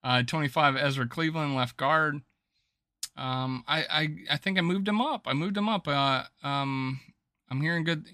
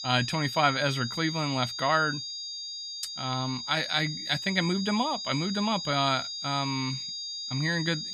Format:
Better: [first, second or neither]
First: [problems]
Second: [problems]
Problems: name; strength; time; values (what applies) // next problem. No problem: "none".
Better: first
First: none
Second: high-pitched whine; loud; throughout; 5 kHz, 6 dB below the speech